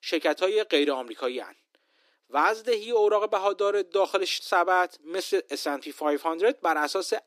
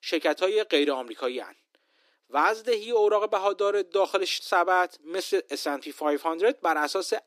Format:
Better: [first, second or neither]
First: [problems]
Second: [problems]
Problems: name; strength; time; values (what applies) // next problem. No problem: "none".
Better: neither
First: thin; somewhat; fading below 300 Hz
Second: thin; somewhat; fading below 300 Hz